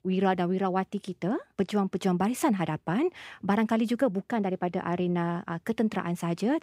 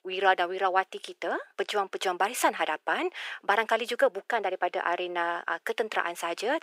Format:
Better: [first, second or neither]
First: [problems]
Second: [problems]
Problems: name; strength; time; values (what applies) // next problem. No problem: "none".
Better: first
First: none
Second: thin; very; fading below 450 Hz